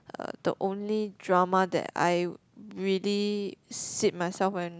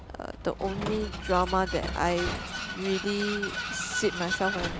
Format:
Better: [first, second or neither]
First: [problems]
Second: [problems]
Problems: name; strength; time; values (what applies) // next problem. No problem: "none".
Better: first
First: none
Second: background sound (Vehicle); 4 dB below the speech